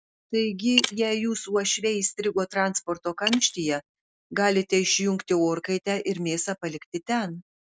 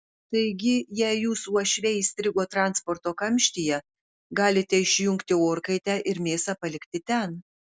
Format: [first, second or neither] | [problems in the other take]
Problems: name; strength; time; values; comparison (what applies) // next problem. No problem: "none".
second | noise reduction (neural mask model RNNoise)